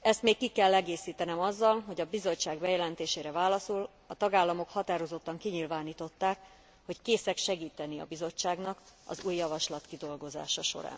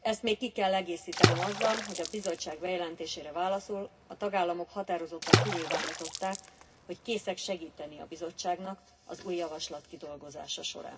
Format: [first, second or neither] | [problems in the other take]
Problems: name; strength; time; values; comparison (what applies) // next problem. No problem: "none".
first | background sound (Water / Splash, splatter); 2 dB above the speech // room echo; dies away in 0.4 s